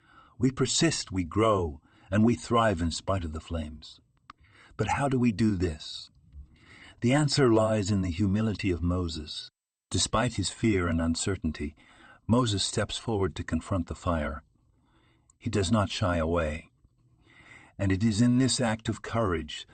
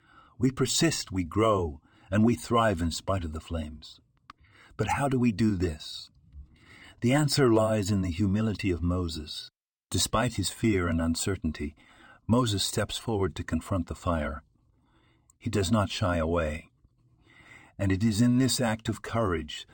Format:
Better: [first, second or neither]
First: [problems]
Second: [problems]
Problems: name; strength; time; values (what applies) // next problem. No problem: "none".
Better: second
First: garbled, watery; slightly; nothing above 8.5 kHz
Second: none